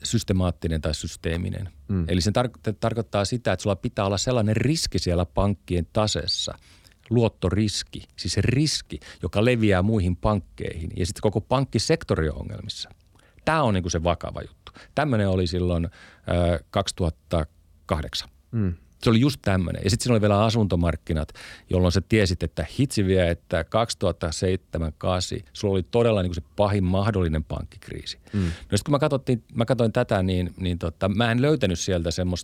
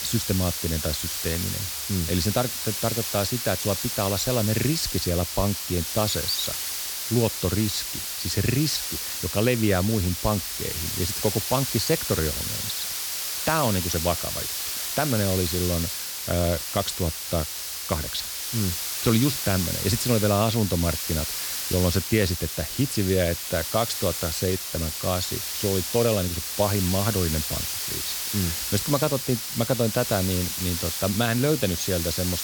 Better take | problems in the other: first | hiss; loud; throughout; 1 dB below the speech

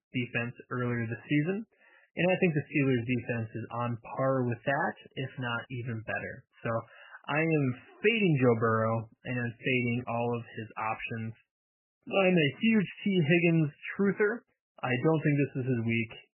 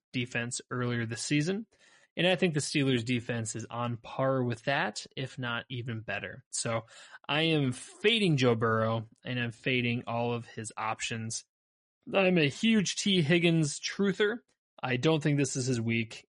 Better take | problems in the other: second | garbled, watery; badly; nothing above 3 kHz; slightly in the second

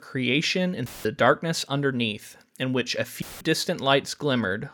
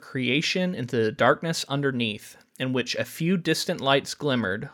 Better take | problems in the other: second | audio cutting out; filled with static; at 1 s and at 3 s

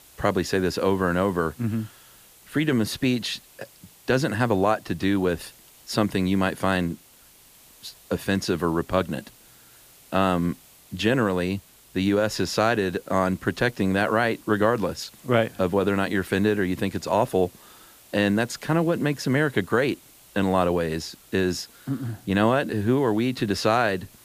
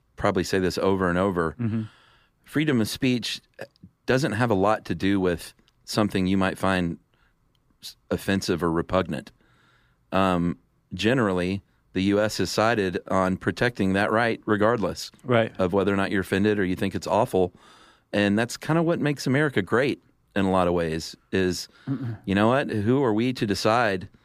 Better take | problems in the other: second | hiss; faint; throughout; 25 dB below the speech

